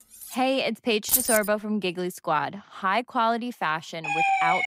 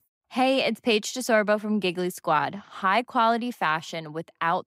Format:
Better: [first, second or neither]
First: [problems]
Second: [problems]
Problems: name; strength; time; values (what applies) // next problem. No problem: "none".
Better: second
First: clattering dishes; faint; at the start; peak 15 dB below the speech // jangling keys; loud; at 1 s; peak 5 dB above the speech // siren; loud; at 4 s; peak 5 dB above the speech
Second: none